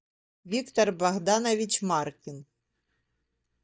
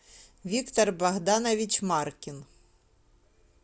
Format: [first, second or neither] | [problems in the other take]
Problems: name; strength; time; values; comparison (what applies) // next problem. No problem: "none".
second | noise reduction (neural mask model DeepFilterNet 3)